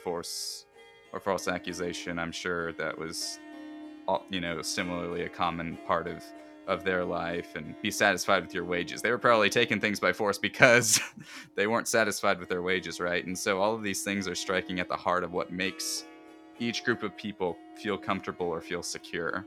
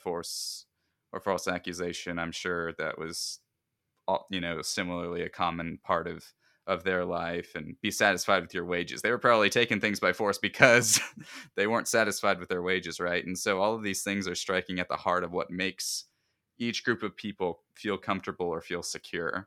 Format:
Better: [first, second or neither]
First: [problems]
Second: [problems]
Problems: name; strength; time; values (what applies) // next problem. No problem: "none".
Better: second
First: background music; noticeable; throughout; 20 dB below the speech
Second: none